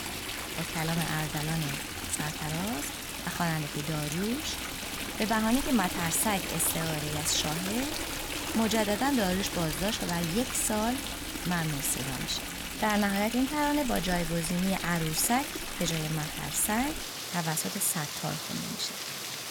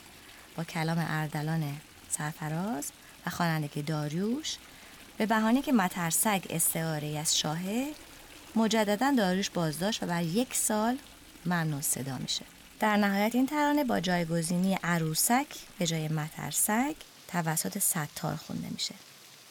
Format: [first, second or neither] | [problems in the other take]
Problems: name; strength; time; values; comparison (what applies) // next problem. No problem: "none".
second | rain or running water; loud; throughout; 3 dB below the speech; faint in the second